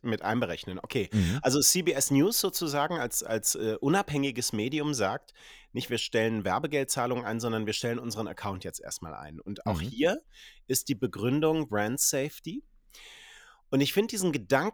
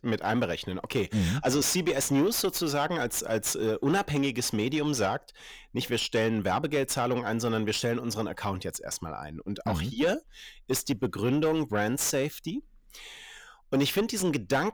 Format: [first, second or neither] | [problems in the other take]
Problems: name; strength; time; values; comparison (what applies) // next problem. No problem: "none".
first | distortion; slight; 9 dB below the speech